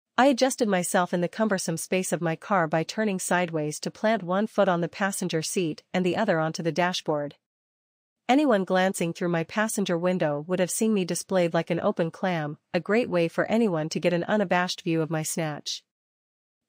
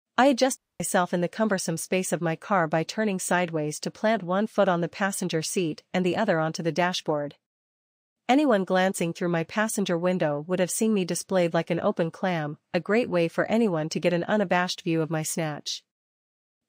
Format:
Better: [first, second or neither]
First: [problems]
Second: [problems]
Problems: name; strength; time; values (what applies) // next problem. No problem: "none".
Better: first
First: none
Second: audio cutting out; at 0.5 s